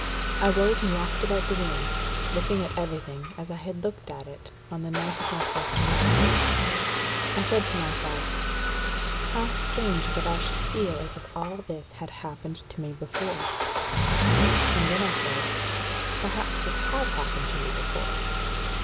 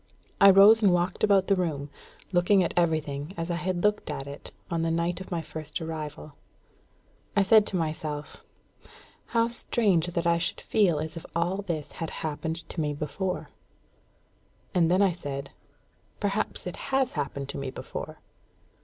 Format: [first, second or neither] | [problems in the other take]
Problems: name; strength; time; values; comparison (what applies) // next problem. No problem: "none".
second | background sound (Engine starting / Car); 5 dB above the speech